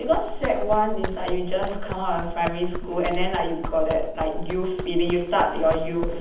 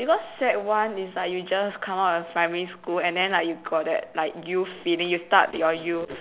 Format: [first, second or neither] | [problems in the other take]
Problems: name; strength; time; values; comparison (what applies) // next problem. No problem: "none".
second | background sound (Run); 3 dB below the speech // room echo; dies away in 0.8 s